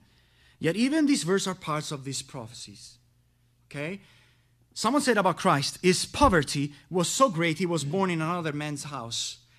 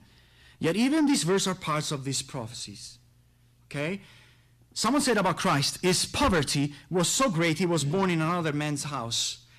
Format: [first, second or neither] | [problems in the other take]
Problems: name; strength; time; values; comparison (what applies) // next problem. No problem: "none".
first | distortion; heavy; 8 dB below the speech